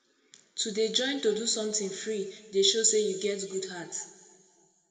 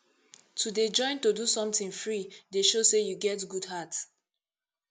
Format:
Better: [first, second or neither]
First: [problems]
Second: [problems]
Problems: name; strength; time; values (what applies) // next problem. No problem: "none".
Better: second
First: room echo; dies away in 1.8 s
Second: none